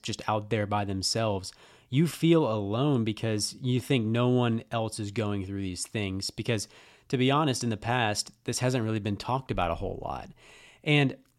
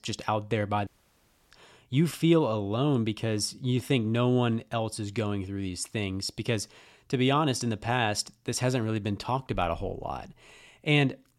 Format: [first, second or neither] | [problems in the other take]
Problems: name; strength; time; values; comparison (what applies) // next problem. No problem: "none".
first | audio cutting out; at 1 s for 0.5 s